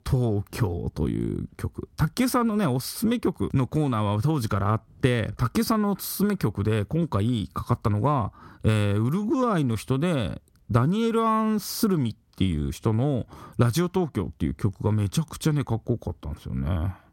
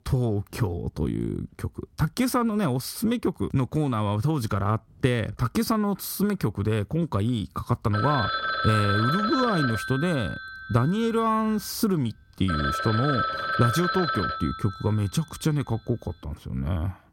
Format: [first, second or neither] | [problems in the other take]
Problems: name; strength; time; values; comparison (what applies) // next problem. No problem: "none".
first | phone ringing; loud; from 8 to 15 s; peak 1 dB above the speech